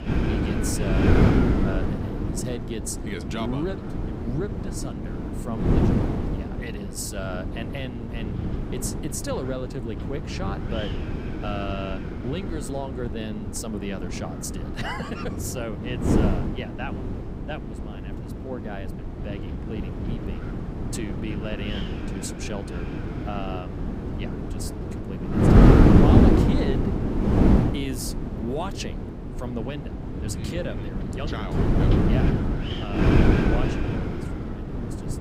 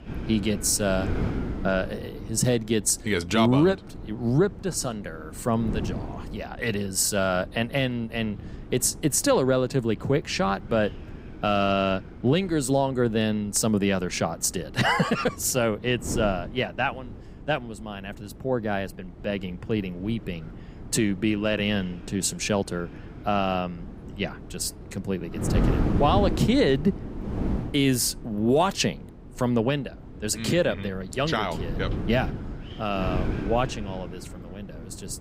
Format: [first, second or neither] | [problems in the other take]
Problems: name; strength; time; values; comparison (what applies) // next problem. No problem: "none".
second | wind noise on the microphone; heavy; 4 dB above the speech; occasional gusts in the second